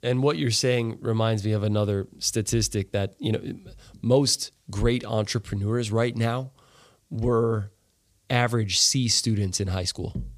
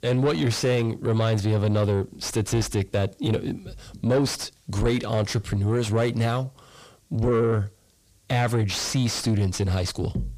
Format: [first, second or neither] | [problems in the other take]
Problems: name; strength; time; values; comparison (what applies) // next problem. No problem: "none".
first | distortion; heavy; 7 dB below the speech